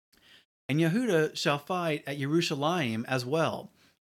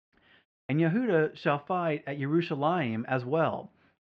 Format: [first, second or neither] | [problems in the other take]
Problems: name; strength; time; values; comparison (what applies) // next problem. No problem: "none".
first | muffled; very; fading above 2.5 kHz